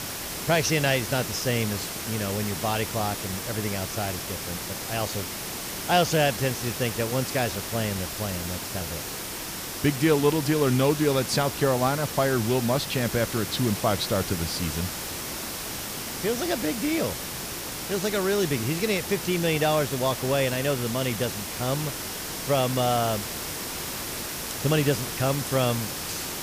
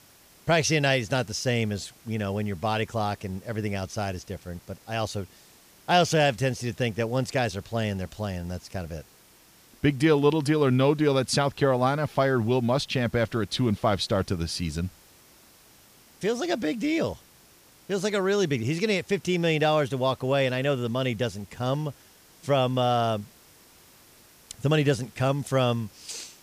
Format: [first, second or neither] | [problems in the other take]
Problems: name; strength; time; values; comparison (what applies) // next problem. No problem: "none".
second | hiss; loud; throughout; 5 dB below the speech; faint in the second